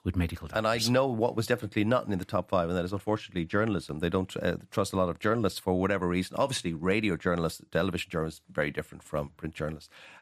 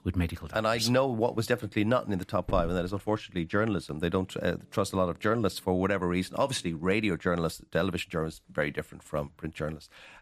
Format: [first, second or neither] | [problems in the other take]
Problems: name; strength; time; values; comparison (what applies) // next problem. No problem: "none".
first | hiss; noticeable; throughout; 20 dB below the speech